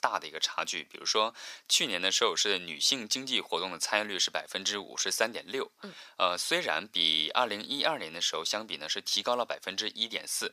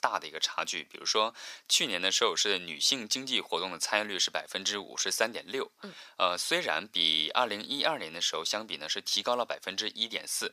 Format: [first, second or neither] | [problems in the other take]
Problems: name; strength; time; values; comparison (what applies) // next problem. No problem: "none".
neither | thin; very; fading below 750 Hz; the same in both